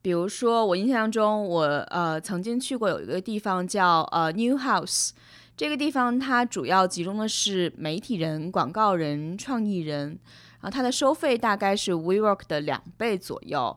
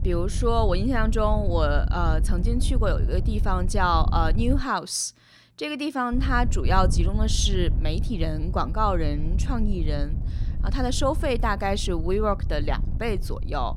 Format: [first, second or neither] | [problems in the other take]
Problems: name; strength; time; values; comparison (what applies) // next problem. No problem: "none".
first | wind noise on the microphone; occasional gusts; until 4.5 s and from 6 s on; 15 dB below the speech